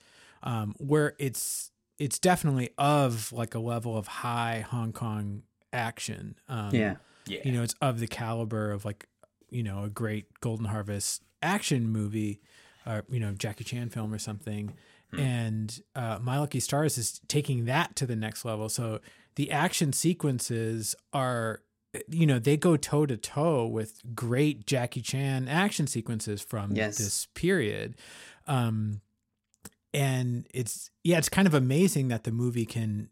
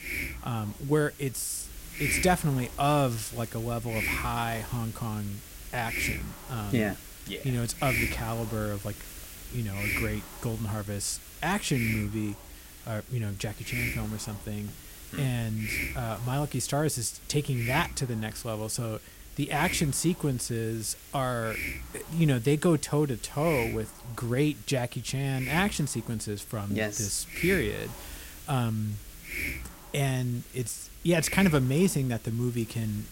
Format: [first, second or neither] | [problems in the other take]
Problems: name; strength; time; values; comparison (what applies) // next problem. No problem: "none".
first | hiss; loud; throughout; 7 dB below the speech